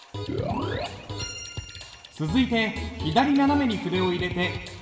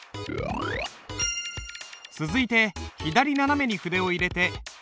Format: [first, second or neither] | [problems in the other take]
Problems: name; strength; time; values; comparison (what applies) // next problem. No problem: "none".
second | room echo; dies away in 1.6 s